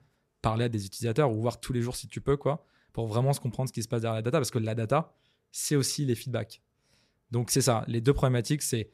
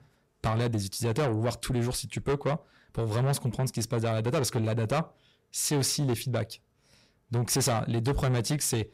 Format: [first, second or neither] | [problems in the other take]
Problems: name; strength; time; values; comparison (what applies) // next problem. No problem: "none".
first | distortion; heavy; 7 dB below the speech